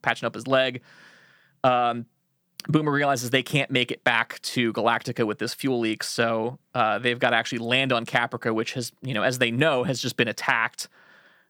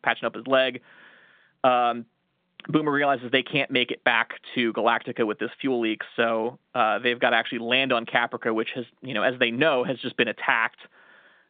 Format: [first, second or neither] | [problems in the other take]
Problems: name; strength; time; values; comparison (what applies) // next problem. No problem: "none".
first | phone-call audio; nothing above 3.5 kHz